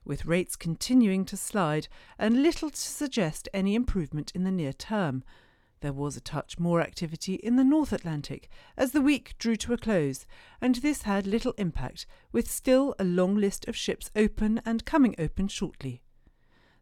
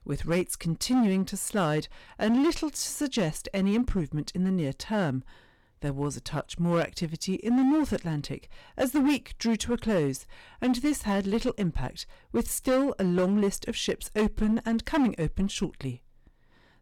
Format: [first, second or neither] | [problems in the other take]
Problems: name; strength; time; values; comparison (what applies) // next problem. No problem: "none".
first | distortion; slight; 8% of the sound clipped